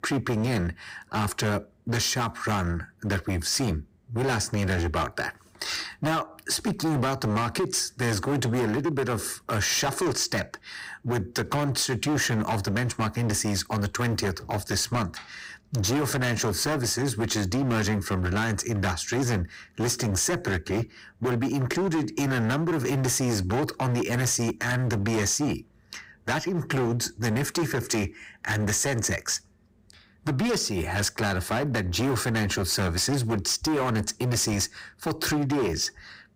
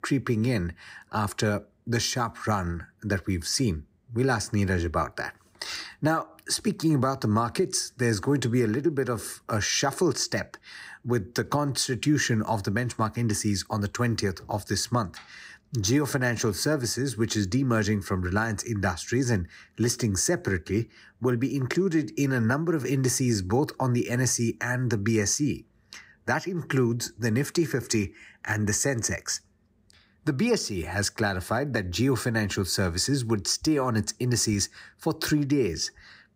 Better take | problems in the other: second | distortion; heavy; 22% of the sound clipped

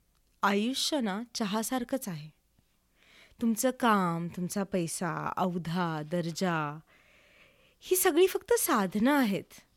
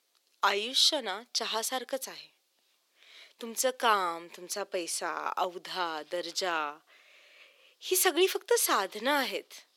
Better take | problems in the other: first | thin; very; fading below 350 Hz

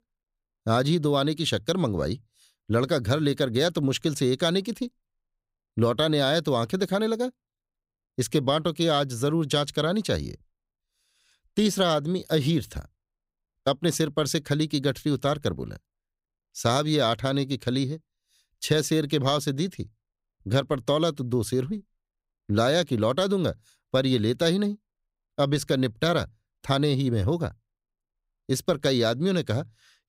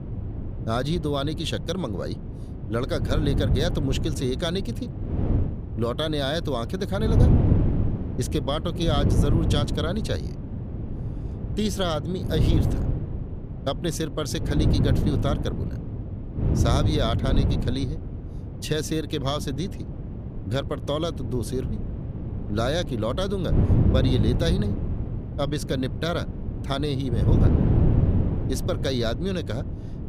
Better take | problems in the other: first | wind noise on the microphone; heavy; 7 dB below the speech

